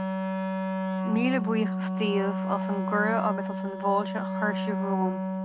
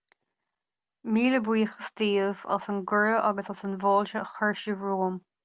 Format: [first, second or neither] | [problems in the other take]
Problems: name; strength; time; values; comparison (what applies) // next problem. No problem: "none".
second | background sound (Wind instrument, woodwind instrument); as loud as the speech